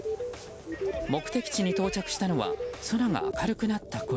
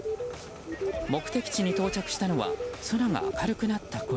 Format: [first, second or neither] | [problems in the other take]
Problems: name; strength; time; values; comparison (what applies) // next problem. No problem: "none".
first | background sound (Engine starting); 18 dB below the speech